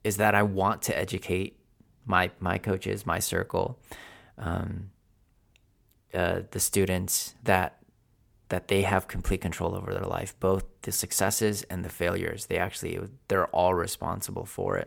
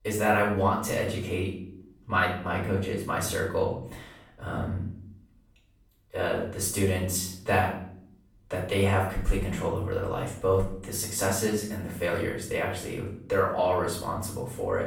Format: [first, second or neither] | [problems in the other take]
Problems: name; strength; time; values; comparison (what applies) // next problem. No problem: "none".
first | off-mic speech; far // room echo; noticeable; dies away in 0.6 s